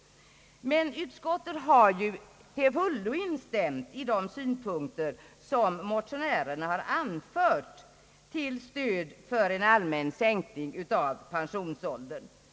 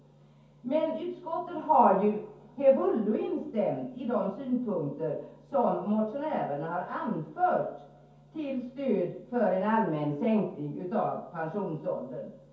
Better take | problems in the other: first | room echo; dies away in 0.6 s

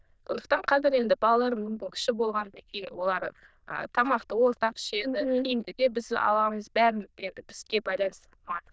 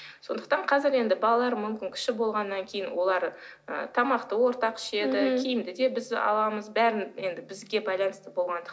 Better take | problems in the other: second | noise reduction (neural diffusion model UNIVERSE++)

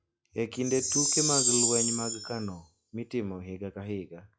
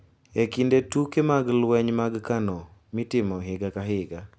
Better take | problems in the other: second | noise reduction (classical method log-MMSE)

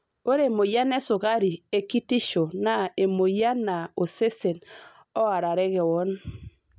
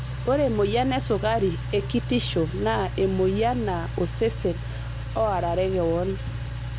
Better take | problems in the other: first | background sound (Engine); 5 dB below the speech

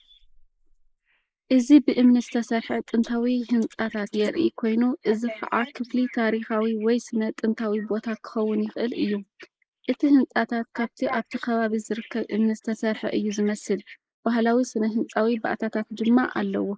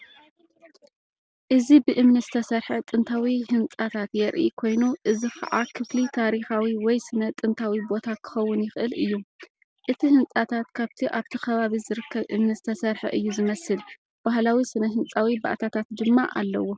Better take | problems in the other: second | noise reduction (neural mask model Resemble Enhance denoiser)

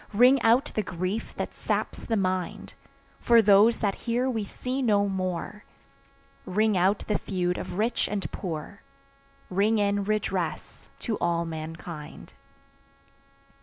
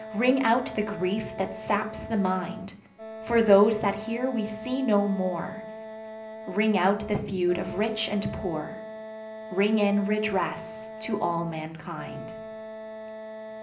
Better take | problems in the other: first | background sound (Wind instrument, woodwind instrument); 12 dB below the speech // room echo; dies away in 0.5 s

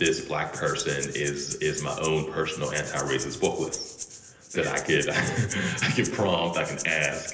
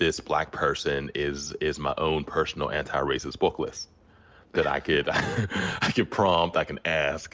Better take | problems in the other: second | background sound (Rattle (instrument)); 11 dB below the speech // room echo; dies away in 1.4 s

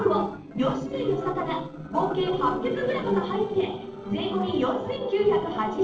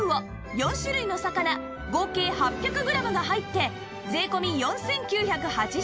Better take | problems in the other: second | noise reduction (neural separator model SepFormer DNS4)

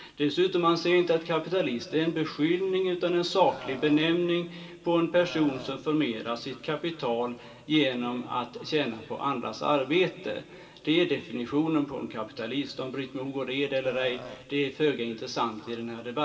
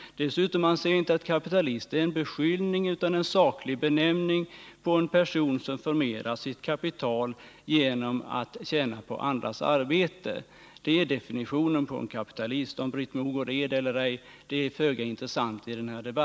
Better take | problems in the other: second | background sound (Burping, eructation); 14 dB below the speech // room echo; dies away in 2.7 s

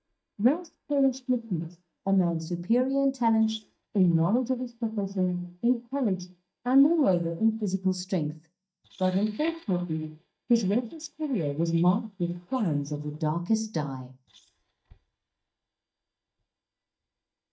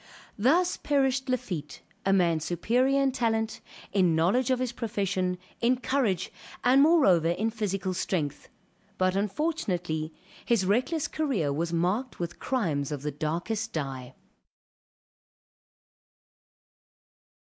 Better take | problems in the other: second | noise reduction (neural mask model DeepFilterNet 3)

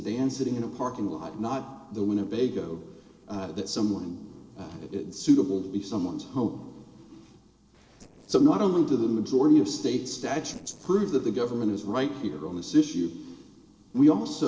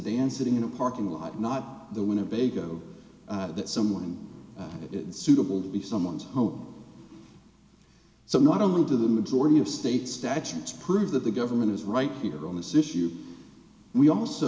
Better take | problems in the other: second | noise reduction (neural separator model SepFormer DNS4)

